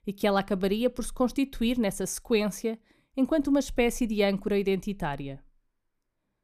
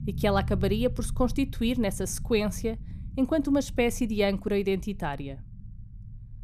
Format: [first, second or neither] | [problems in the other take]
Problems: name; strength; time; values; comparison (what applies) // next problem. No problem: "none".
first | low rumble; faint; throughout; 20 dB below the speech